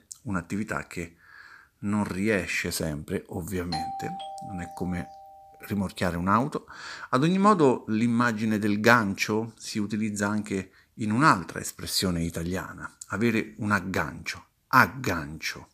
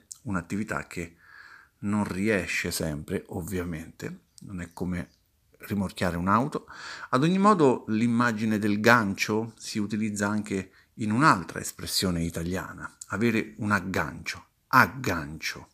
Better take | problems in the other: second | doorbell; noticeable; from 3.5 to 5.5 s; peak 7 dB below the speech

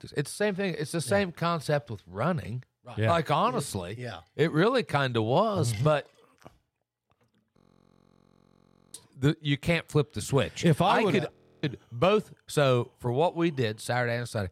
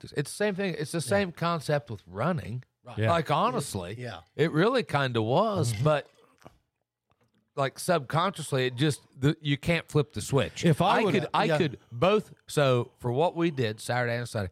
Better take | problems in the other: second | audio freezing; at 7.5 s for 1.5 s and at 11 s

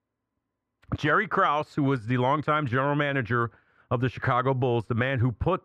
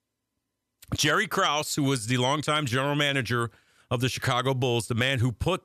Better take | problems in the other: second | muffled; very; fading above 3.5 kHz

